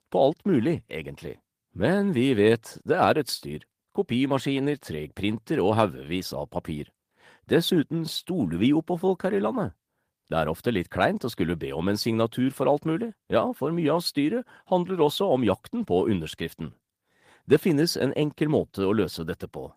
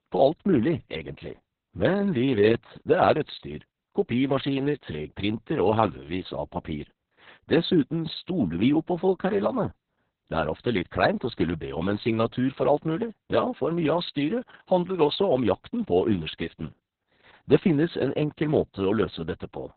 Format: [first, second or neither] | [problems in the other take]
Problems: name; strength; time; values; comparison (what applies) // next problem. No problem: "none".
first | garbled, watery; badly; nothing above 4 kHz; slightly in the first